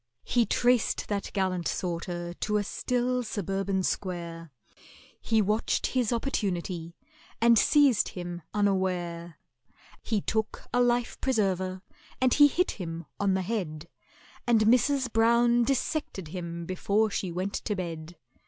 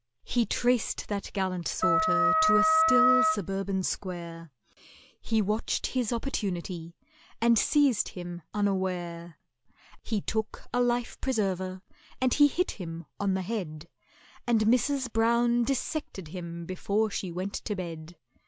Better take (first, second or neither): first